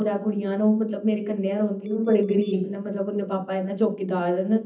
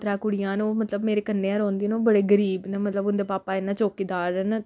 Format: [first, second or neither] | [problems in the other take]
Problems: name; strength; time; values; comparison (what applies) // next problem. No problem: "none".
second | noise reduction (neural mask model DeepFilterNet 3)